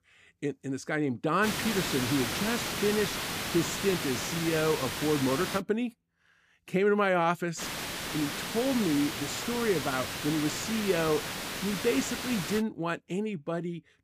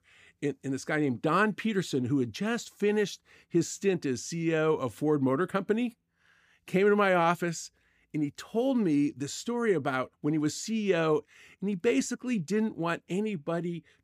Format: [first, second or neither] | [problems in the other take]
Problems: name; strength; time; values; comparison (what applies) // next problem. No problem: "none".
second | hiss; loud; from 1.5 to 5.5 s and from 7.5 to 13 s; 3 dB below the speech